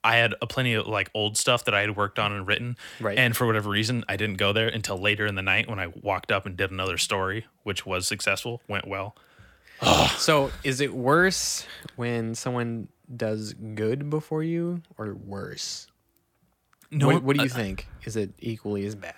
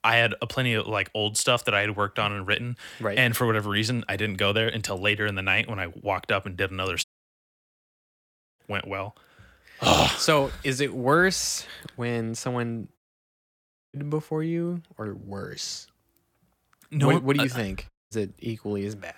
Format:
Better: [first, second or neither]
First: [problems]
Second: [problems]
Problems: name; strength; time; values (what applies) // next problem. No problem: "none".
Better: first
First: none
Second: audio cutting out; at 7 s for 1.5 s, at 13 s for 1 s and at 18 s